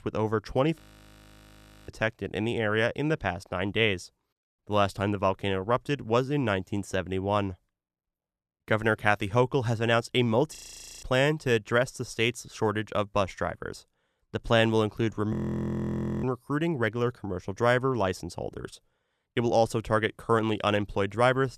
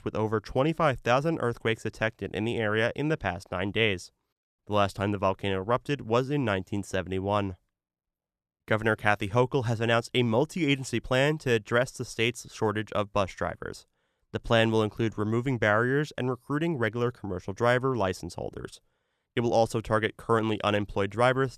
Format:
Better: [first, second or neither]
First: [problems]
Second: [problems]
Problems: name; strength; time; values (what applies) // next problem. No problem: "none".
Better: second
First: audio freezing; at 1 s for 1 s, at 11 s and at 15 s for 1 s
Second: none